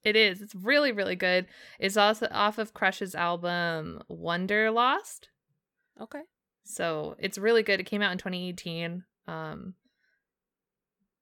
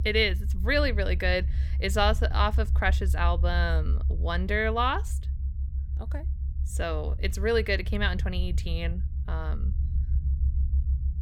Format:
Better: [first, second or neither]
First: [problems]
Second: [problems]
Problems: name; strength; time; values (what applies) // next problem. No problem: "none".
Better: first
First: none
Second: low rumble; noticeable; throughout; 20 dB below the speech